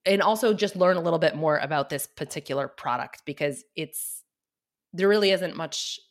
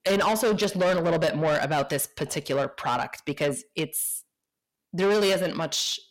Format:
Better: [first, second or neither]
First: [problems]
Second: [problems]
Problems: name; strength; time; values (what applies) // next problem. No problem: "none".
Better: first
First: none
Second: distortion; heavy; 8 dB below the speech